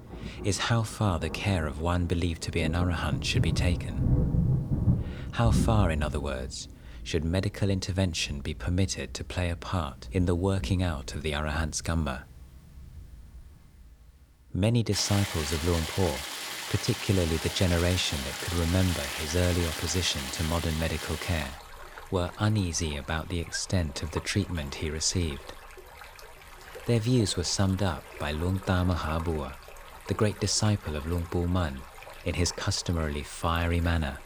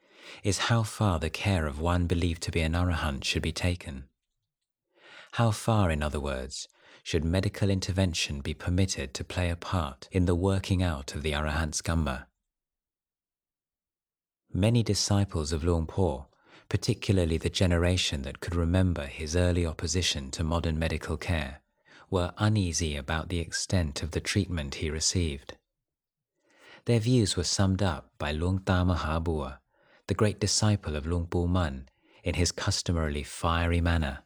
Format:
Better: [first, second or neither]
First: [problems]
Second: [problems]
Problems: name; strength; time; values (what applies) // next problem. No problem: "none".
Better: second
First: rain or running water; loud; throughout; 6 dB below the speech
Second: none